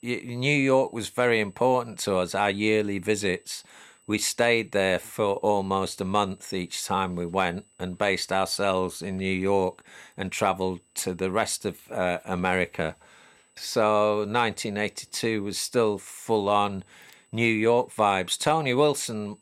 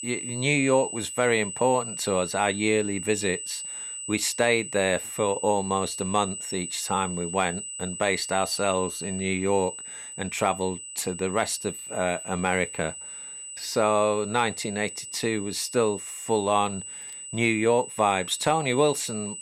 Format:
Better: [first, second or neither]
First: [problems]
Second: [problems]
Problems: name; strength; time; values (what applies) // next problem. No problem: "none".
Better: first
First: high-pitched whine; faint; throughout; 8 kHz, 35 dB below the speech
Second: high-pitched whine; loud; throughout; 8 kHz, 8 dB below the speech